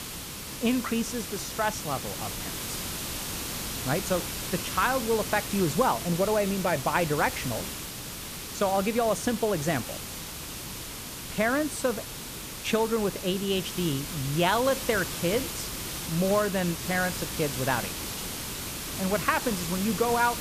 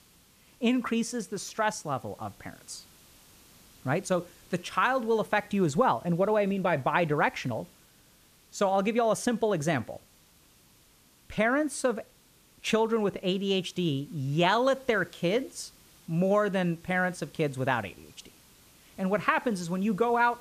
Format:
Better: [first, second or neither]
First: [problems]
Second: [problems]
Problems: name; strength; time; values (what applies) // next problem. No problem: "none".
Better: second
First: hiss; loud; throughout; 6 dB below the speech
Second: hiss; faint; throughout; 30 dB below the speech